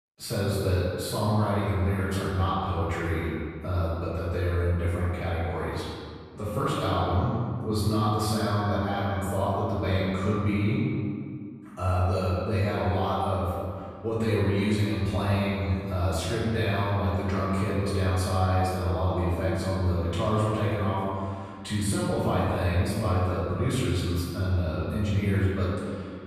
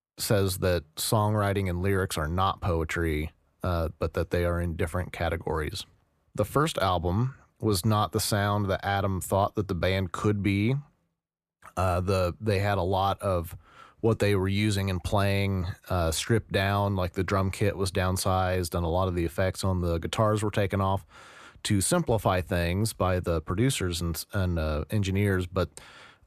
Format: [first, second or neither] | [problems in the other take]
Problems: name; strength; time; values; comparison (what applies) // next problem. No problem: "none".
second | off-mic speech; far // room echo; strong; dies away in 2 s